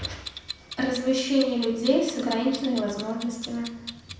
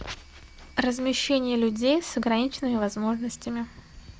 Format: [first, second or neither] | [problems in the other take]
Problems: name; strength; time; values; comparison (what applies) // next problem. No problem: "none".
second | background sound (Clock); 13 dB below the speech // room echo; dies away in 0.8 s